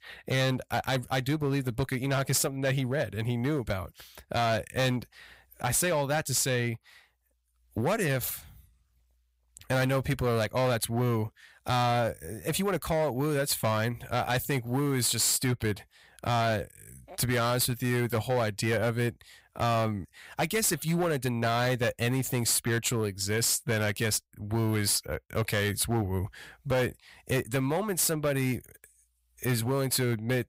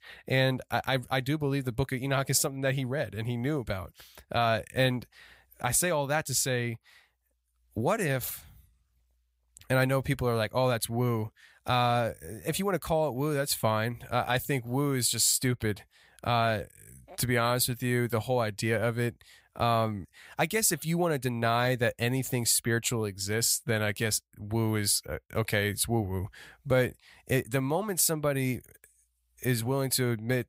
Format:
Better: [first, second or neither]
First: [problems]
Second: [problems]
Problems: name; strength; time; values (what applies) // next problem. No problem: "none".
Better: second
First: distortion; slight; 10% of the sound clipped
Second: none